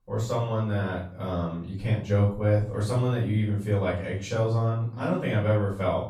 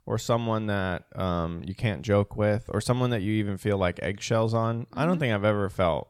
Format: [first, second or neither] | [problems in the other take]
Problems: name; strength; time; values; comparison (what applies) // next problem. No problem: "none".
second | off-mic speech; far // room echo; noticeable; dies away in 0.4 s